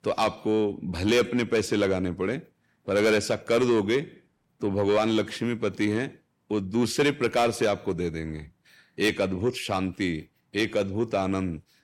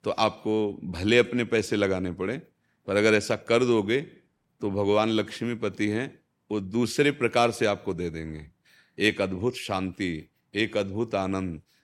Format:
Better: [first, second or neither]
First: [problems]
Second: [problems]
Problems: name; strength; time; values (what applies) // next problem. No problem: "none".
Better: second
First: distortion; slight; 10 dB below the speech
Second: none